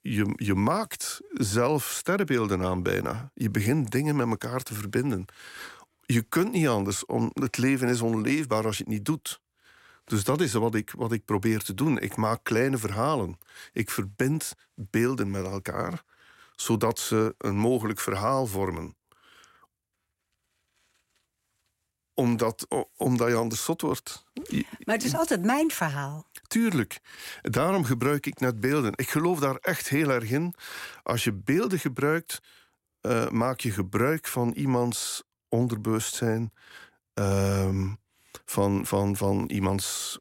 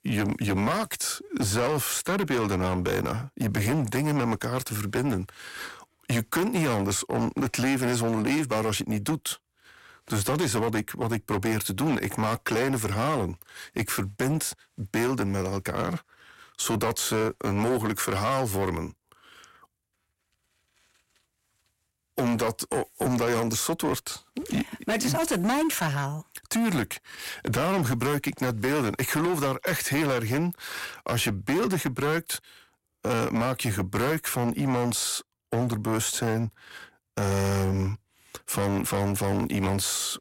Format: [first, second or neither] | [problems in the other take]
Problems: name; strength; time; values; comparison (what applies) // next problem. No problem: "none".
first | distortion; heavy; 15% of the sound clipped